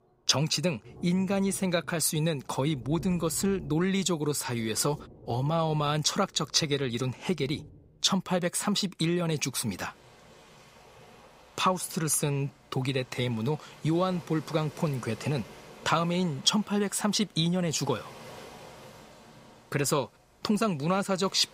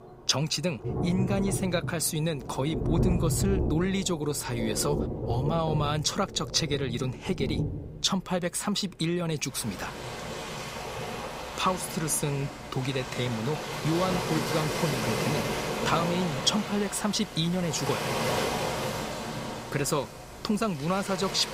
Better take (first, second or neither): first